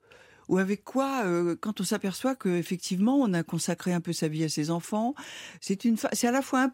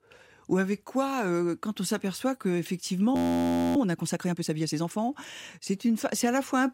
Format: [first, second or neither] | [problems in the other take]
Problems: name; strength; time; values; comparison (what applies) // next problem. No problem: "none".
first | audio freezing; at 3 s for 0.5 s